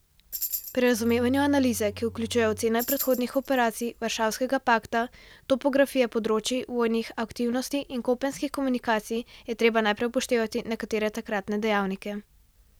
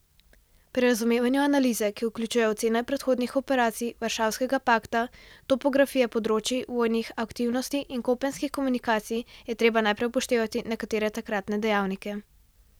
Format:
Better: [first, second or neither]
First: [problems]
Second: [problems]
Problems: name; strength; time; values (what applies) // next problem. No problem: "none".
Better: second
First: background sound (Tambourine + Bowed string instrument); 12 dB below the speech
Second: none